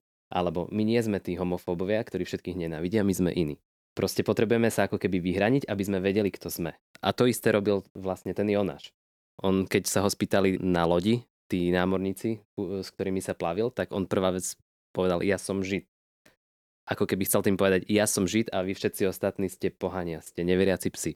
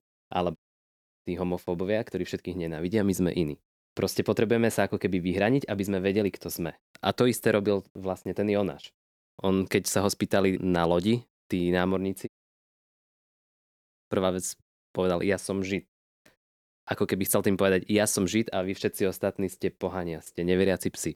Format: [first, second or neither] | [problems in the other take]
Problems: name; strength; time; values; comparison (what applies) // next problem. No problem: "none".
first | audio cutting out; at 0.5 s for 0.5 s and at 12 s for 2 s